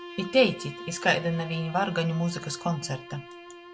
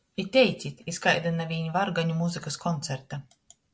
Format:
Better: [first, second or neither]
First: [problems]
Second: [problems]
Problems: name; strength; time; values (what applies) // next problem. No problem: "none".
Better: second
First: background sound (Bowed string instrument); 14 dB below the speech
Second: none